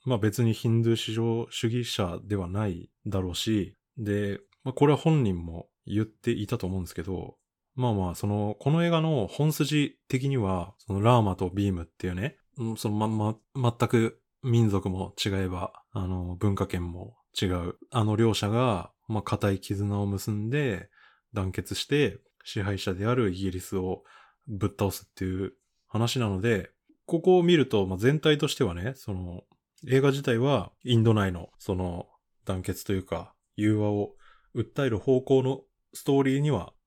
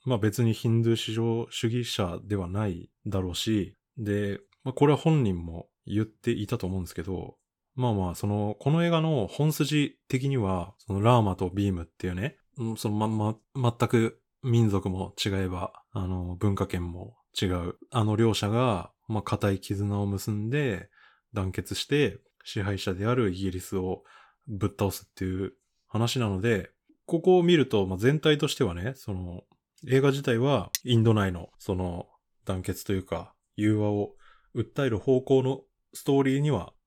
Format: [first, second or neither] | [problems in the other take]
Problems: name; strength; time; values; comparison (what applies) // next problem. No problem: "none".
first | clattering dishes; very faint; at 31 s; peak 6 dB below the speech